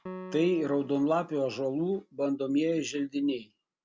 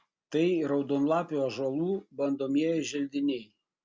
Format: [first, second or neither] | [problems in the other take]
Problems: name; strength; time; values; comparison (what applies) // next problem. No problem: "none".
second | background sound (Piano); 19 dB below the speech